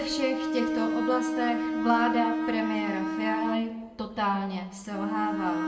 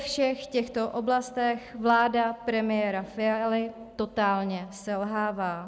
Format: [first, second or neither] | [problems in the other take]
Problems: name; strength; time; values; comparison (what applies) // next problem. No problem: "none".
second | background sound (Bowed string instrument); 1 dB below the speech // room echo; dies away in 0.6 s